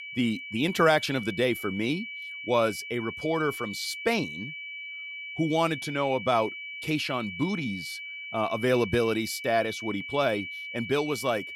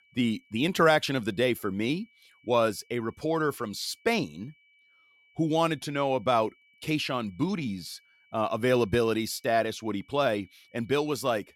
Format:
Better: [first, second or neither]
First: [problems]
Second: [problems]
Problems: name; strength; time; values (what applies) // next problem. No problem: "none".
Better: second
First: high-pitched whine; loud; throughout; 2.5 kHz, 8 dB below the speech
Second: high-pitched whine; faint; throughout; 2.5 kHz, 35 dB below the speech